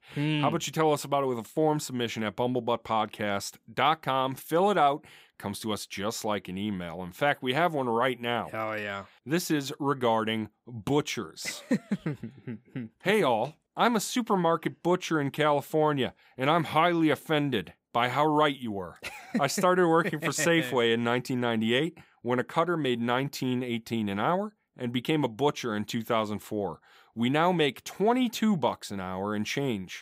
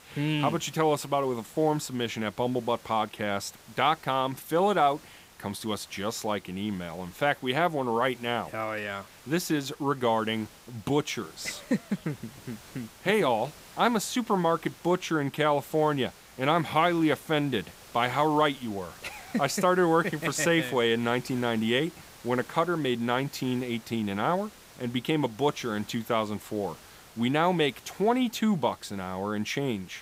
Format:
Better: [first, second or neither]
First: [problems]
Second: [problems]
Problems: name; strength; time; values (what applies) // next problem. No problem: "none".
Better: first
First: none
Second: hiss; faint; throughout; 20 dB below the speech